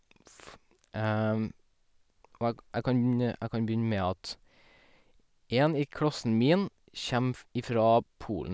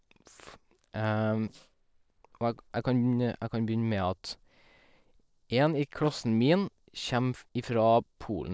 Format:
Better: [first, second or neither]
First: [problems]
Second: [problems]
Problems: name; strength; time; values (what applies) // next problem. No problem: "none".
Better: first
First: none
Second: noise reduction (neural separator model SepFormer DNS4)